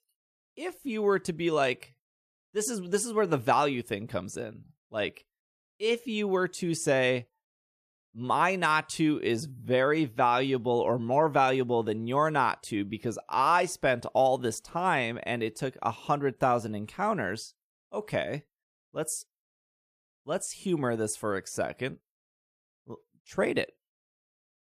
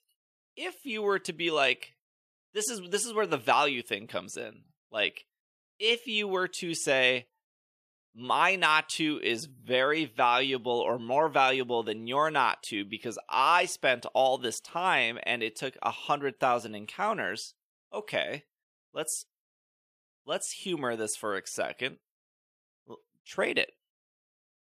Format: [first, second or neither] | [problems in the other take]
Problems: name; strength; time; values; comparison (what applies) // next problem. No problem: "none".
first | thin; very slightly; fading below 850 Hz